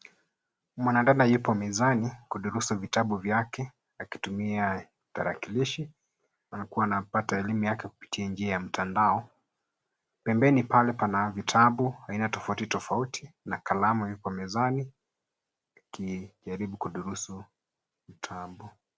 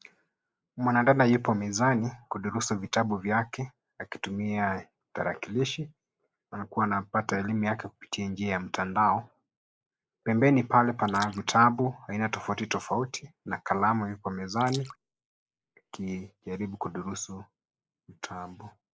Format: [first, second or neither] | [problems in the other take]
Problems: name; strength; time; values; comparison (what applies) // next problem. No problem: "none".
first | noise reduction (neural mask model Resemble Enhance denoiser)